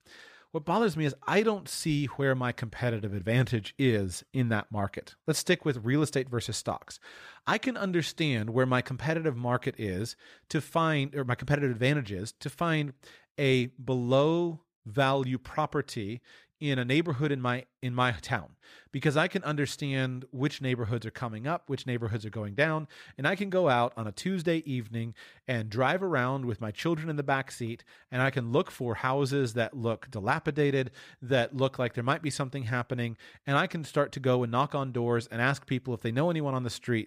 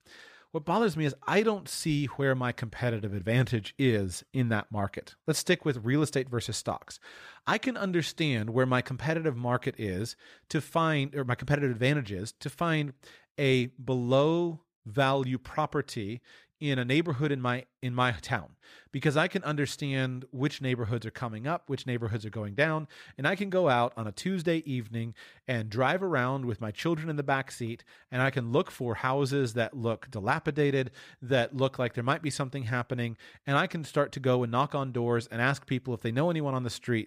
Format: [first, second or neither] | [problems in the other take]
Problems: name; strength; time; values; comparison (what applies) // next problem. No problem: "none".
neither | none